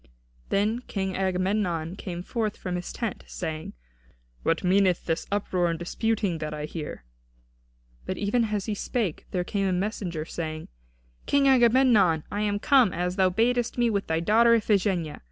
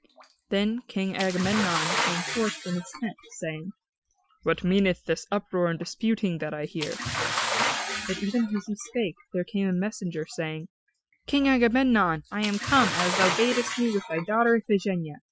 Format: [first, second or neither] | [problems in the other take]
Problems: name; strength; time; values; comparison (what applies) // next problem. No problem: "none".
first | noise reduction (classical method Wiener filter)